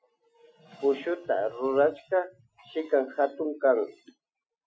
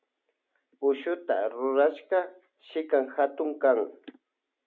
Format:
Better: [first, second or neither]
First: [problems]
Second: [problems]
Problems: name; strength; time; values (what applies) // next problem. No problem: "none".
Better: second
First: noise reduction (classical method Wiener filter)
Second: none